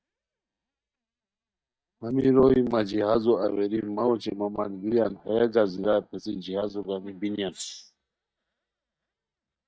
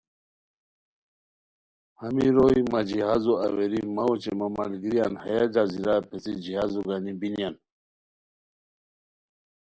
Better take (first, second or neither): second